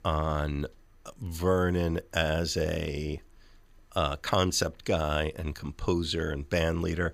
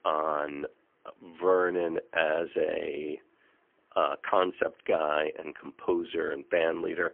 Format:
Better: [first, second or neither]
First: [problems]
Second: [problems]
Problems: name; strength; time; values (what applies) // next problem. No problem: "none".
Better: first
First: none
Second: phone-call audio; poor line; nothing above 3 kHz